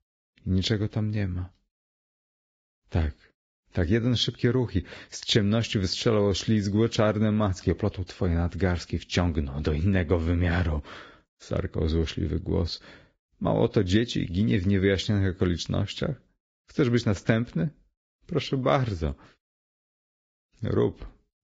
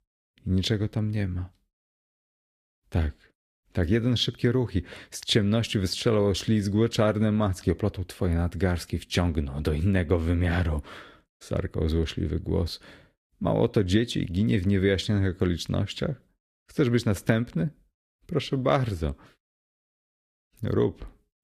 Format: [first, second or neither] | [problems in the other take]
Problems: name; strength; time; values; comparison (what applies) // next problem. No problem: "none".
second | garbled, watery; badly; nothing above 7.5 kHz; slightly in the second